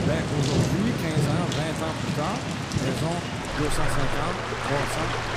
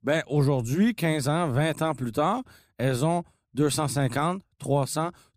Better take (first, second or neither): second